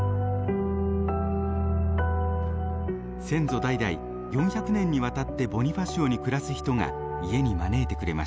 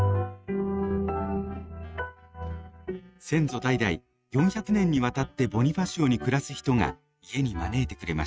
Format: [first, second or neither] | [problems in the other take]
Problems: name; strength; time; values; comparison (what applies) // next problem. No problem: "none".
first | noise reduction (neural mask model RNNoise)